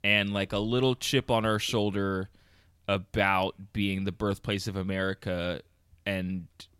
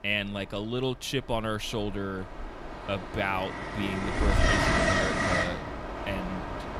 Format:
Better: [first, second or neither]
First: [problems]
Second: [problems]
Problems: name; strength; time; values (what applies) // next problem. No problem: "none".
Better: first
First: none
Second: train or aircraft noise; very loud; throughout; 4 dB above the speech